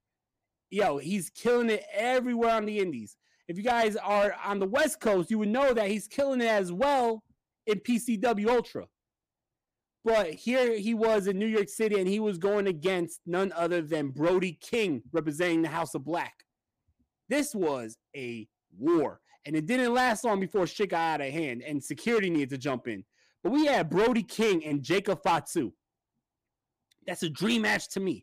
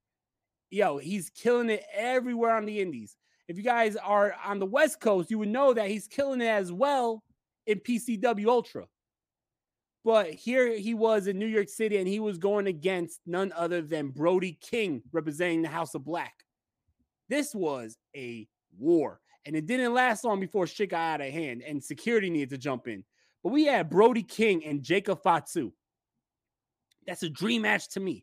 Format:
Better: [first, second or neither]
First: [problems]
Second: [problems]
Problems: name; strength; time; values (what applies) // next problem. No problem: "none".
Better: second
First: distortion; slight; 7% of the sound clipped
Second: none